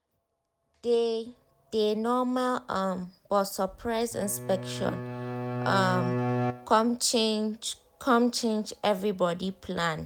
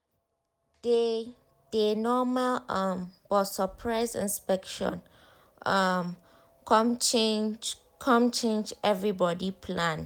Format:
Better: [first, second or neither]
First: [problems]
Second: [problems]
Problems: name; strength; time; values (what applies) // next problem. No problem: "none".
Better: second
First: background sound (Bowed string instrument); 3 dB below the speech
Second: none